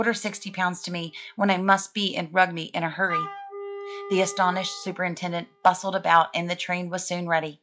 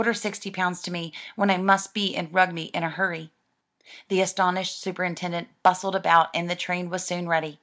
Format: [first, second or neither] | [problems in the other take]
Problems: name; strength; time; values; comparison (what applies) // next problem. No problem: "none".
second | noise reduction (classical method log-MMSE)